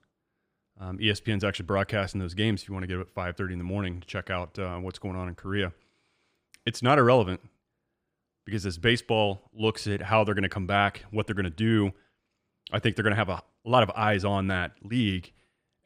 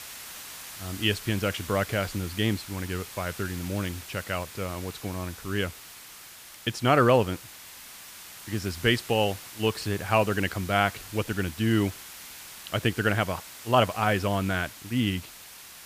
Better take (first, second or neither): first